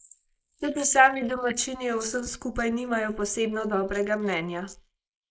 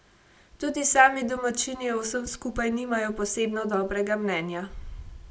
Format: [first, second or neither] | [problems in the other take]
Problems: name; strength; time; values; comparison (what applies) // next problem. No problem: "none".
second | noise reduction (neural mask model Resemble Enhance denoiser)